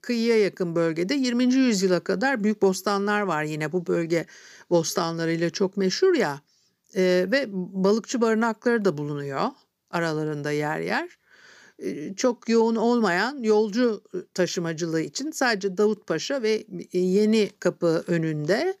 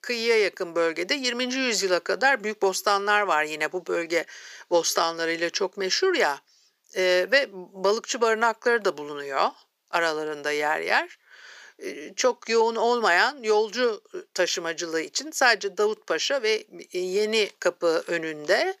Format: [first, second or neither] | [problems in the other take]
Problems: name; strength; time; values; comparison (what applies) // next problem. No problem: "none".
first | thin; very; fading below 600 Hz